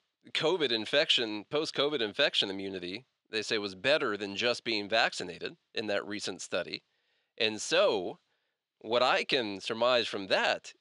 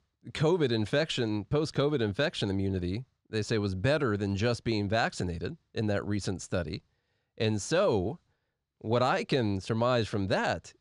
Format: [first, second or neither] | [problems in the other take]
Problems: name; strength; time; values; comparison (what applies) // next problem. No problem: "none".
second | thin; somewhat; fading below 350 Hz